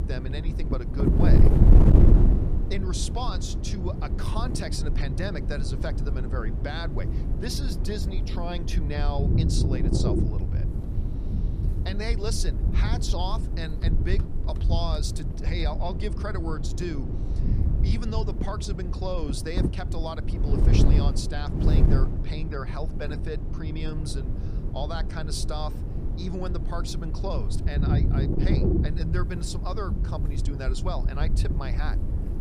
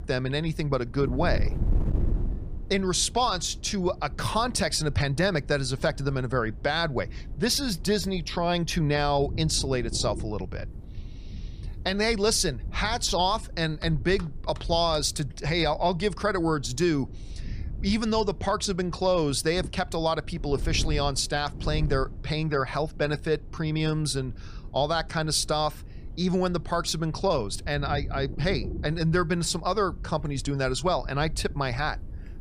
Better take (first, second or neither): second